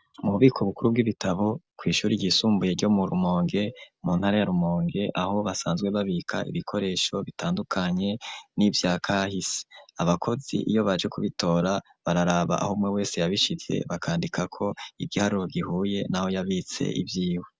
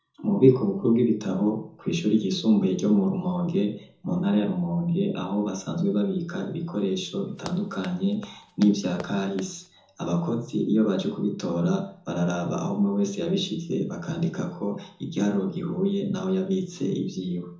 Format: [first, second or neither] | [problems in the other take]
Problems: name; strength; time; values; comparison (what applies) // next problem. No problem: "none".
first | background sound (Run); 19 dB below the speech // room echo; dies away in 0.5 s